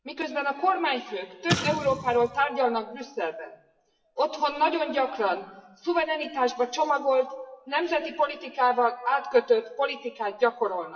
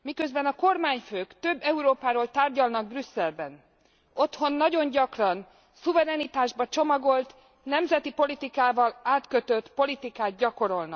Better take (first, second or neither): second